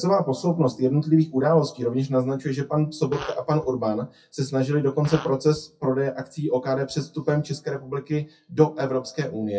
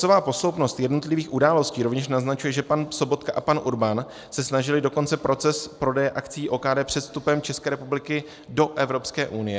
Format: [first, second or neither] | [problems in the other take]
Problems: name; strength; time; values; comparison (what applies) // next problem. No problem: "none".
second | noise reduction (classical method WPE with log-MMSE)